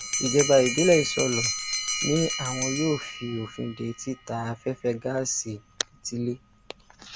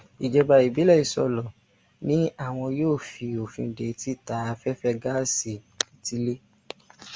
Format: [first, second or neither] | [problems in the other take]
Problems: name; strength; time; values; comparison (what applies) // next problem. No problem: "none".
second | background sound (Bell); 6 dB below the speech